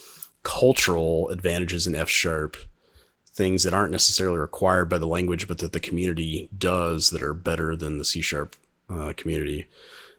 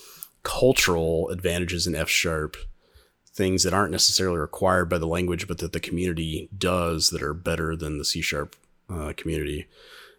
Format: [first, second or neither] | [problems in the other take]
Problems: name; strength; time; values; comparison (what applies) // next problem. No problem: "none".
second | garbled, watery; slightly; nothing above 19 kHz